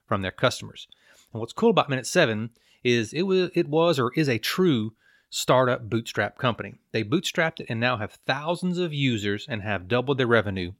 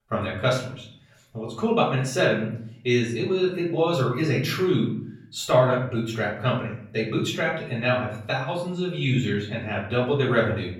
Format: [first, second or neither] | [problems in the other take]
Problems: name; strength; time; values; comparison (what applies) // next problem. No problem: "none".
first | room echo; slight; dies away in 0.6 s // off-mic speech; far